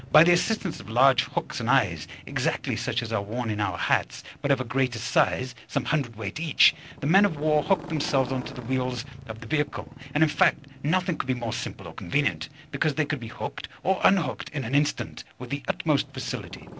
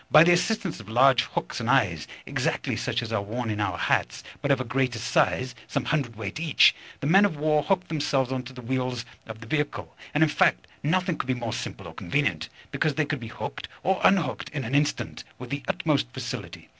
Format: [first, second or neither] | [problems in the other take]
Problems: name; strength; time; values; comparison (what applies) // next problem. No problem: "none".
second | background sound (Motorcycle); 19 dB below the speech